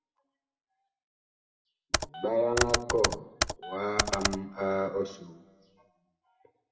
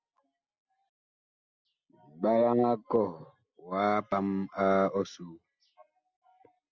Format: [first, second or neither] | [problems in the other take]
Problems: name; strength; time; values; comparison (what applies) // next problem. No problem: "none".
second | background sound (Computer keyboard); 2 dB above the speech // room echo; dies away in 1.1 s